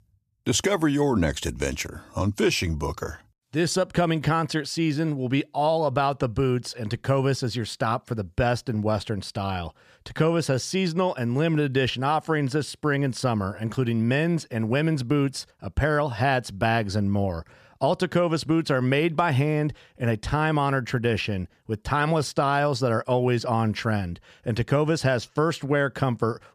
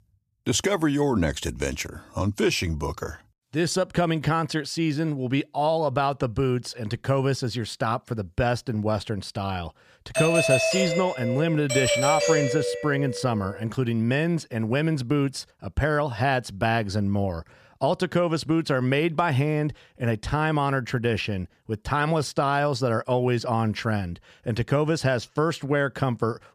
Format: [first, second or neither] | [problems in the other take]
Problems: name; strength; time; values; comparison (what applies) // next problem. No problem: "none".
first | doorbell; loud; from 10 to 13 s; peak 4 dB above the speech